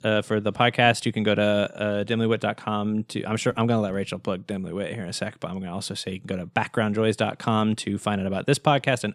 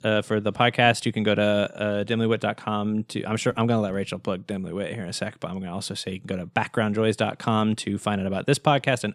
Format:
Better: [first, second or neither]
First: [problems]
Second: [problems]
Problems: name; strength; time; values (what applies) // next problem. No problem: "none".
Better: neither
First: none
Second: none